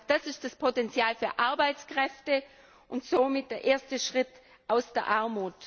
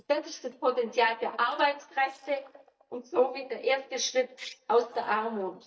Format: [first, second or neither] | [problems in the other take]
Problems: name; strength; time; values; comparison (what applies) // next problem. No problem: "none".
first | noise reduction (neural mask model DeepFilterNet 3)